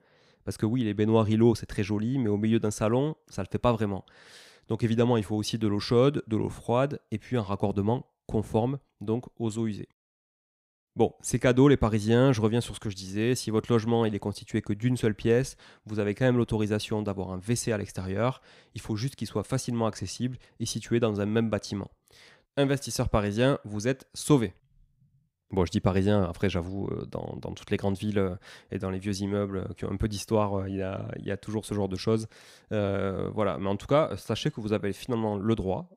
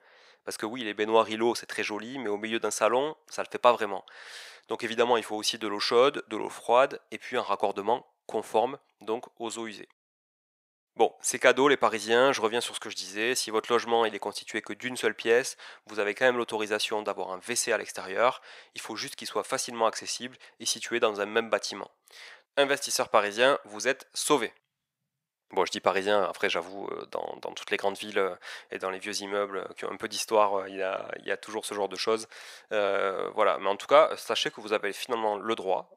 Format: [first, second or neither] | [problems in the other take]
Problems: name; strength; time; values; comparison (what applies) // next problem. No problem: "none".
first | thin; very; fading below 650 Hz